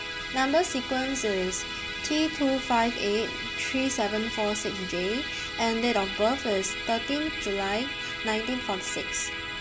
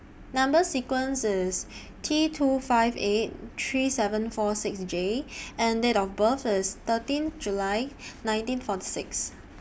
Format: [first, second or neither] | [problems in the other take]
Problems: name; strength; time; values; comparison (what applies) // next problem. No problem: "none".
second | background sound (Musical instrument); 5 dB below the speech